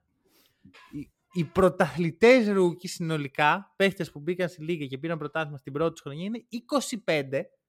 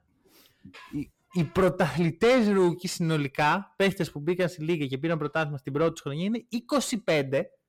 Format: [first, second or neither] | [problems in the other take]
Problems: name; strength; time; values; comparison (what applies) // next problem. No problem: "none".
first | distortion; heavy; 8 dB below the speech